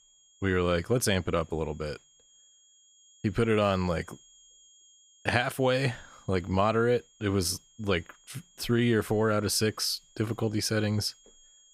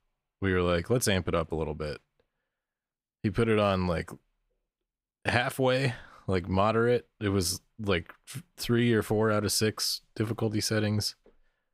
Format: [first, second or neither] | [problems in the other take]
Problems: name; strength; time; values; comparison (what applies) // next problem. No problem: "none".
second | high-pitched whine; faint; throughout; 3.5 kHz, 30 dB below the speech